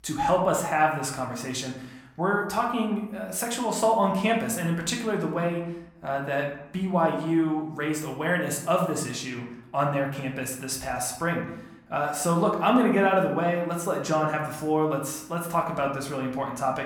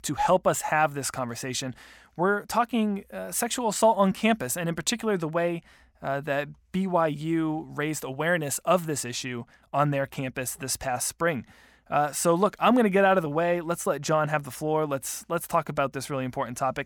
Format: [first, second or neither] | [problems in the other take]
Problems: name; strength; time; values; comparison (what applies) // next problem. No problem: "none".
second | room echo; slight; dies away in 0.7 s // off-mic speech; somewhat distant